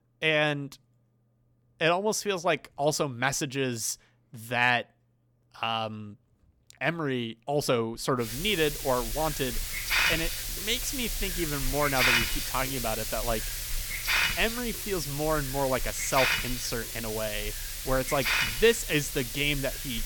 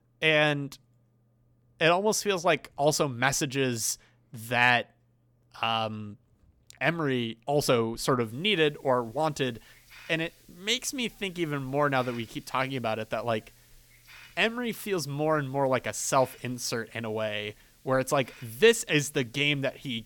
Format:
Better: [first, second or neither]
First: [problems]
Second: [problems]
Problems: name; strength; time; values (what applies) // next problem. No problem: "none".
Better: second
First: hiss; loud; from 8 s on; 1 dB below the speech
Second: hiss; faint; from 8 s on; 25 dB below the speech